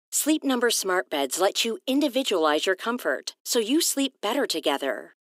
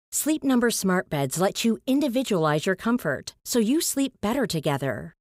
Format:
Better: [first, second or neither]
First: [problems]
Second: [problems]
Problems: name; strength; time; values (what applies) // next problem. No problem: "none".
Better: second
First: thin; very slightly; fading below 300 Hz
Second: none